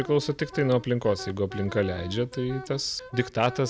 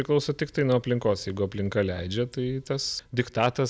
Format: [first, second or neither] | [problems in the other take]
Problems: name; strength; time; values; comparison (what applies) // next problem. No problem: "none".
second | background sound (Wind instrument, woodwind instrument); 15 dB below the speech